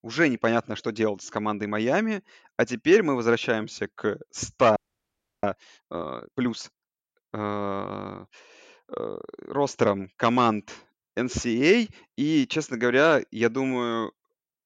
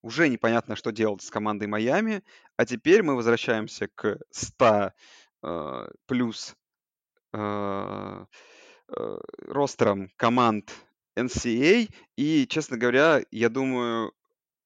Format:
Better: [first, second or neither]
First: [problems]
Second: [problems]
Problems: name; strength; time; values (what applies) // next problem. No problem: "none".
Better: second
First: audio freezing; at 5 s for 0.5 s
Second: none